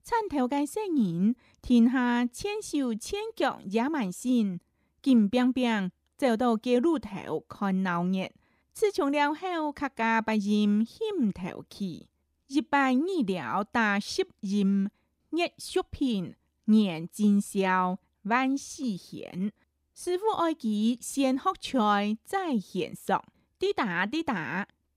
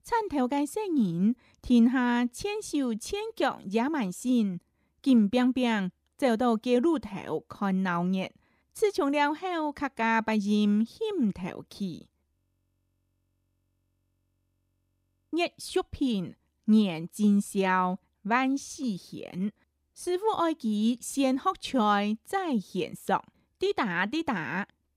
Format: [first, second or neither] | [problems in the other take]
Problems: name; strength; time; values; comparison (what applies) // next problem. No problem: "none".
first | audio freezing; at 12 s for 3 s